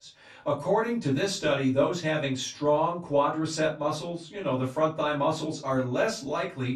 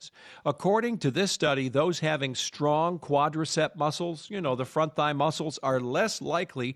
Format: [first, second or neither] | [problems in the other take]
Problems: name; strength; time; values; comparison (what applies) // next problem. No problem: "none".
second | off-mic speech; far // room echo; very slight; dies away in 0.2 s